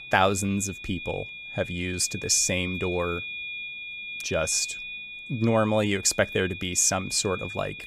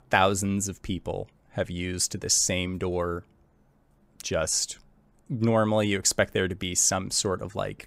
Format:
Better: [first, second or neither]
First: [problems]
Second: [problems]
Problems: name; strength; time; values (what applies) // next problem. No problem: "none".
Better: second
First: high-pitched whine; loud; throughout; 2.5 kHz, 10 dB below the speech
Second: none